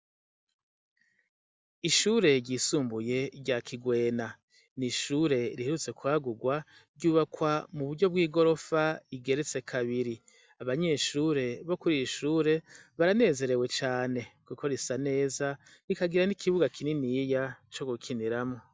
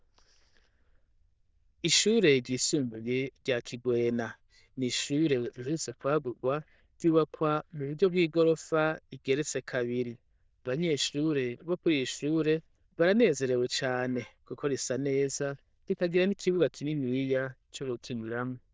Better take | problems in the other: first | noise reduction (neural diffusion model UNIVERSE++)

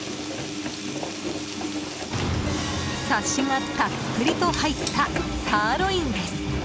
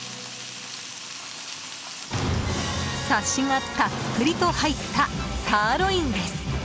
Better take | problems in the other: second | background sound (Engine); 5 dB below the speech

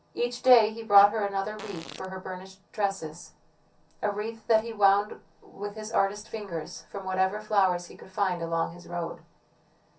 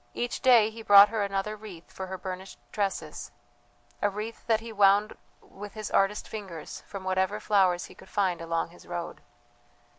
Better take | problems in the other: second | background sound (Fart); 16 dB below the speech // room echo; dies away in 0.3 s

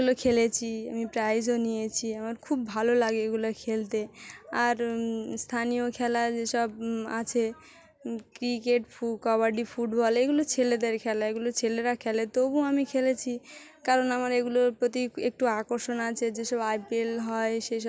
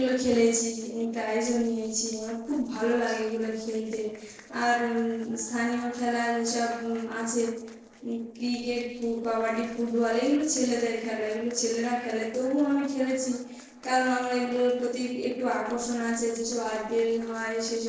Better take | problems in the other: first | noise reduction (neural separator model SepFormer DNS4)

